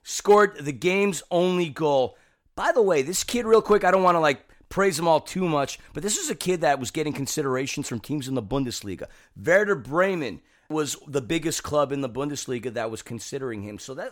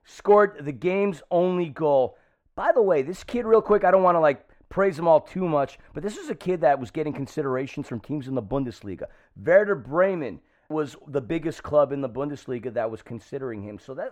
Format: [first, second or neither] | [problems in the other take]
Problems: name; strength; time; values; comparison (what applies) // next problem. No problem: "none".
first | muffled; very; fading above 3 kHz